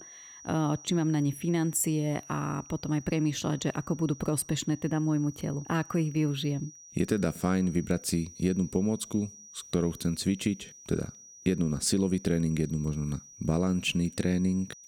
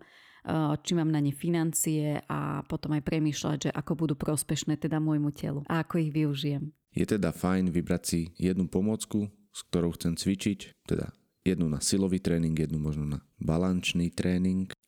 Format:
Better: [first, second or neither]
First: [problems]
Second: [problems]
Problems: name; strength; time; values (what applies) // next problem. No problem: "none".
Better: second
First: high-pitched whine; noticeable; throughout; 6 kHz, 20 dB below the speech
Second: none